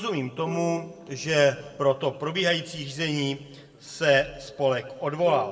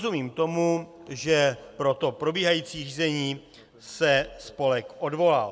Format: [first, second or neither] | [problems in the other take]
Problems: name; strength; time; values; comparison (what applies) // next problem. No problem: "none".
second | background sound (Bowed string instrument); 19 dB below the speech // room echo; dies away in 1 s